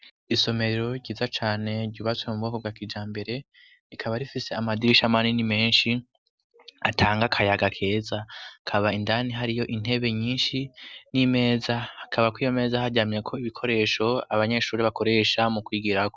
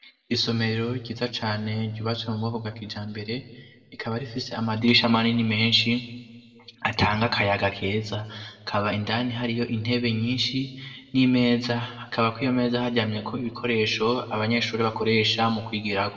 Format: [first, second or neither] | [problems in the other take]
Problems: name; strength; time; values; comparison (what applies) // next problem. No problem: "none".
first | room echo; dies away in 1.1 s